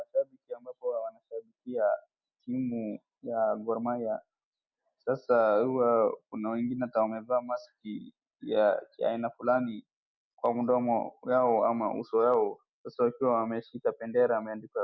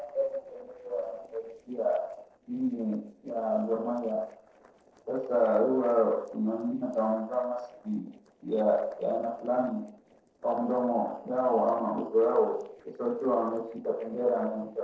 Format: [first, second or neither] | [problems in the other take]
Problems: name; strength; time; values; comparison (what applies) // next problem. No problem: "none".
first | noise reduction (neural separator model SepFormer DNS4)